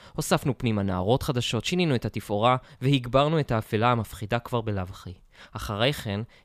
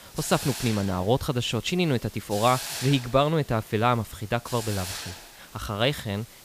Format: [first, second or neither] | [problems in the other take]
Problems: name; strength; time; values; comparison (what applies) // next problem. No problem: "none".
first | hiss; noticeable; throughout; 10 dB below the speech